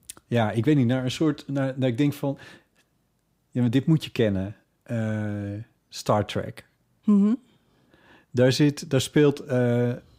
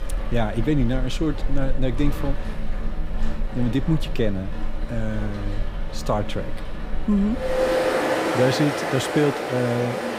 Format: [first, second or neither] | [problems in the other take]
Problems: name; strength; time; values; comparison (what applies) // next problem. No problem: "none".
first | rain or running water; loud; throughout; 3 dB below the speech